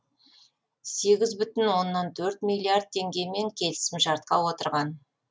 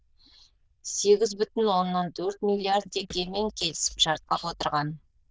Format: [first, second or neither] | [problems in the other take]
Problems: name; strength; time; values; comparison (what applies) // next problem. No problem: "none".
first | noise reduction (neural diffusion model UNIVERSE++)